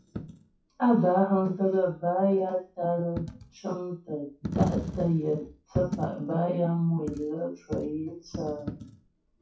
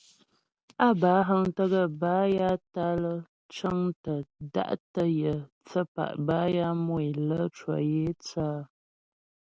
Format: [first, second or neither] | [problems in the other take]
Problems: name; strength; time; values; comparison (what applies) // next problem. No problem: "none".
second | noise reduction (classical method WPE with log-MMSE)